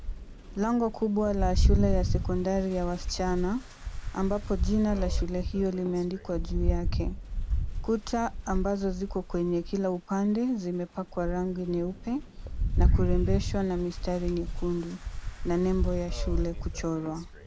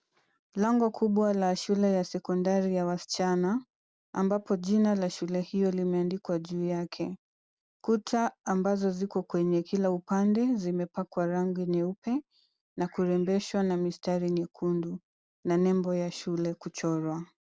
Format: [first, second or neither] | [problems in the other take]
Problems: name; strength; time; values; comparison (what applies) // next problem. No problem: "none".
second | background sound (Rain); as loud as the speech